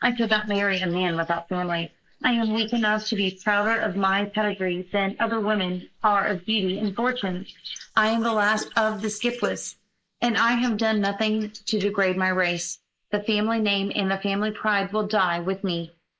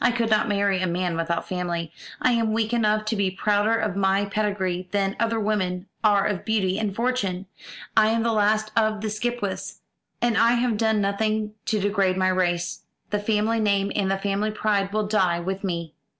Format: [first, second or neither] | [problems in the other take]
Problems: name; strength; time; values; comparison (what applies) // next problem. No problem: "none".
second | noise reduction (neural mask model Resemble Enhance denoiser)